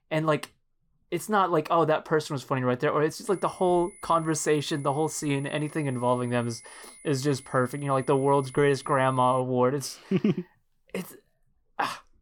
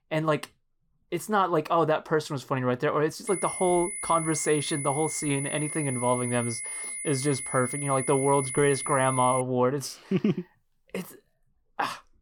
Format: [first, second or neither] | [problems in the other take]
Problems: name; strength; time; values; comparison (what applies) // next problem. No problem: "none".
first | high-pitched whine; loud; from 3.5 to 9.5 s; 10 kHz, 5 dB below the speech; faint in the first